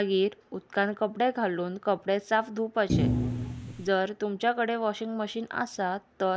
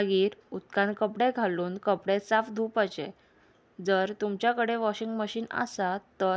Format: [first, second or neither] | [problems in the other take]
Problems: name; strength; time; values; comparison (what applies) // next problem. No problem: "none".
second | background sound (Thump, thud); 1 dB above the speech